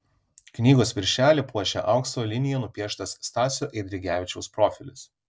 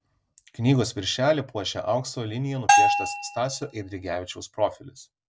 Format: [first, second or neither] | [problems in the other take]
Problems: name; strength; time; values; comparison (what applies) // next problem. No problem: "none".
first | background sound (Bell); 4 dB above the speech